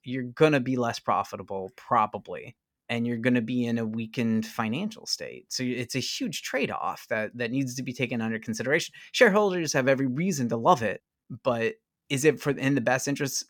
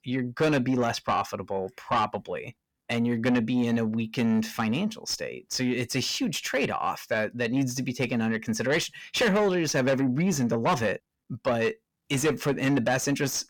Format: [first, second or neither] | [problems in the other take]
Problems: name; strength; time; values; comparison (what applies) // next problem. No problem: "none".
first | distortion; heavy; 7 dB below the speech